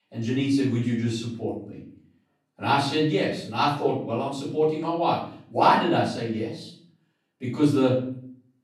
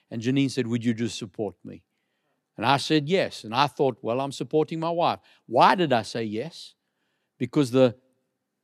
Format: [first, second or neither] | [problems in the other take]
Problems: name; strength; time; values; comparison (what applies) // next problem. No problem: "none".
second | room echo; noticeable; dies away in 0.5 s // off-mic speech; far